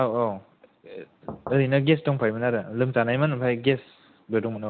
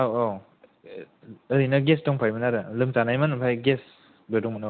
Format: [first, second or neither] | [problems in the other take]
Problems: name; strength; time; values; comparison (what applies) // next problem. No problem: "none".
second | background sound (Knock / Wood); 15 dB below the speech